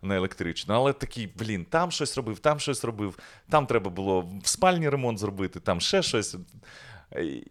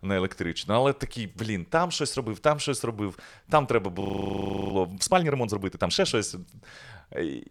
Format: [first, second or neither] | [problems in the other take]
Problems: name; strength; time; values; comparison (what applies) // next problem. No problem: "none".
first | audio freezing; at 4 s for 0.5 s